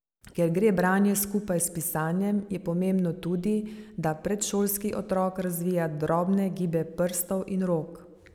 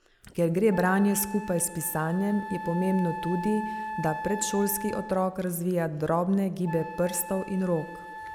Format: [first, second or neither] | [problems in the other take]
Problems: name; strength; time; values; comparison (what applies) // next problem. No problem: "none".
first | background sound (Wind instrument, woodwind instrument); 11 dB below the speech